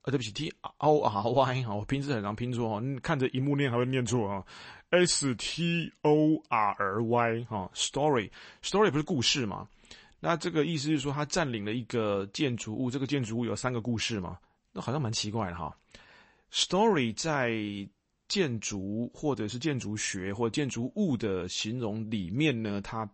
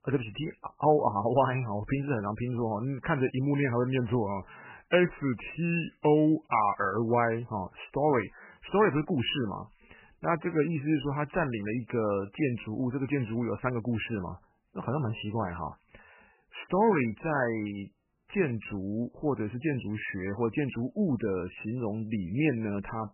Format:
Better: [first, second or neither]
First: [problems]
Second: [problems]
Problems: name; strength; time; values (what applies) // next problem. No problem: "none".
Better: first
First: garbled, watery; slightly; nothing above 8 kHz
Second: garbled, watery; badly; nothing above 3 kHz